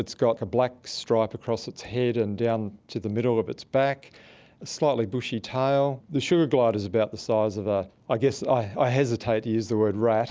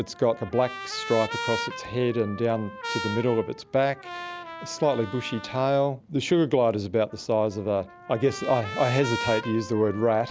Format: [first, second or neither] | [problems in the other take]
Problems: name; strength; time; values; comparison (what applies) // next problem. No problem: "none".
first | background sound (Trumpet); 11 dB below the speech